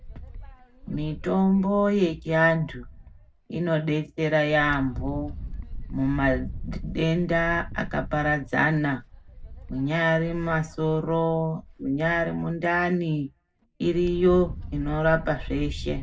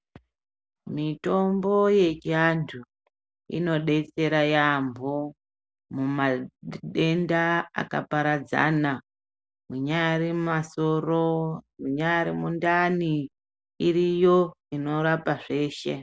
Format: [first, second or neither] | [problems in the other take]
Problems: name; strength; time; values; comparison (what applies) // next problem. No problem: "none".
second | background sound (Wind); 12 dB below the speech // room echo; dies away in 0.4 s